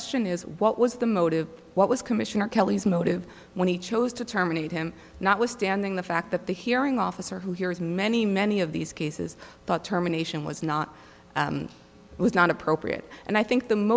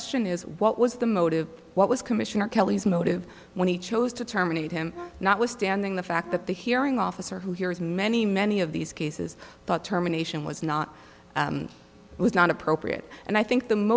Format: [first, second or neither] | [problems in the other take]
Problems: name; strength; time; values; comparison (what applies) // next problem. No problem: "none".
first | background sound (Brass instrument); 19 dB below the speech